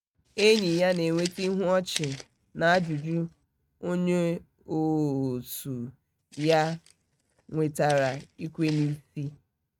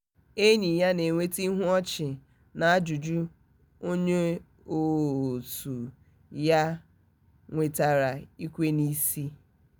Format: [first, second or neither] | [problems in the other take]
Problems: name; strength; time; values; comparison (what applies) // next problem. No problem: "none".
second | noise reduction (neural mask model RNNoise)